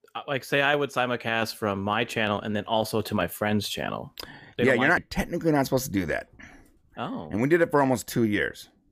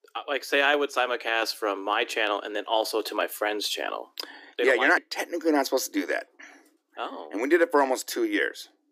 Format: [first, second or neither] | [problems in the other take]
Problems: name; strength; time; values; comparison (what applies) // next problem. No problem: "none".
first | thin; somewhat; fading below 300 Hz